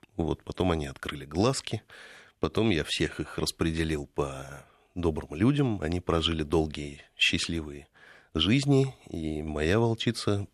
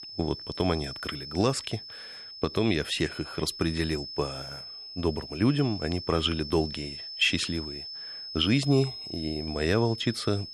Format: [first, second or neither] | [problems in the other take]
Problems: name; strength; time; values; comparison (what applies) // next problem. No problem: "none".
first | high-pitched whine; loud; throughout; 5 kHz, 9 dB below the speech